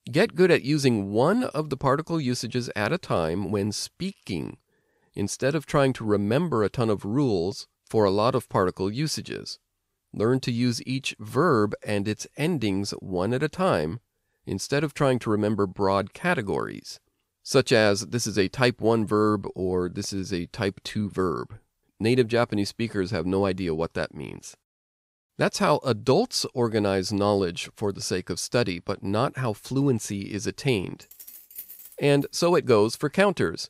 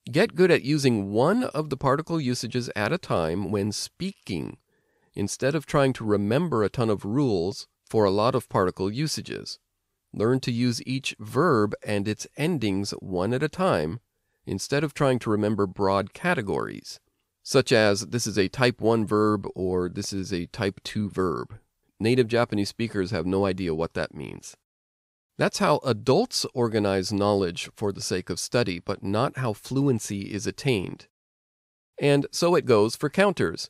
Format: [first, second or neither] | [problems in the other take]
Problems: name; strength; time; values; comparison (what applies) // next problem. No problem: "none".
second | jangling keys; faint; from 31 to 32 s; peak 15 dB below the speech